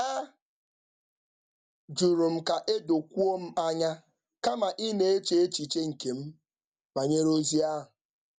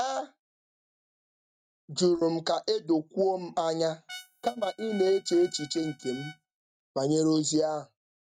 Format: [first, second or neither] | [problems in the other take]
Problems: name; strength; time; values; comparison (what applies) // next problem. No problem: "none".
first | noise reduction (neural mask model RNNoise)